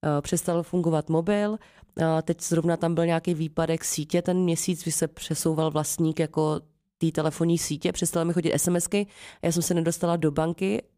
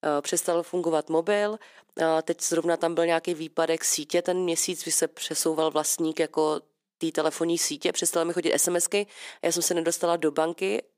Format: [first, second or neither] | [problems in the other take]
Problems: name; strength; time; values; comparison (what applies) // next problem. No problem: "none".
first | thin; somewhat; fading below 300 Hz